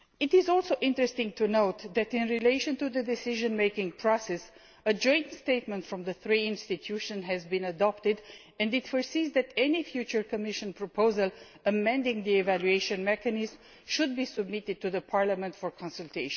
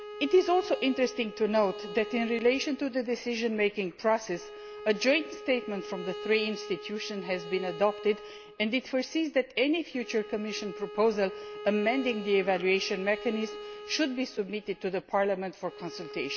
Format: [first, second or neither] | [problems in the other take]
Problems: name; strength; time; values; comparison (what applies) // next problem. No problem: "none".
first | background sound (Bowed string instrument); 13 dB below the speech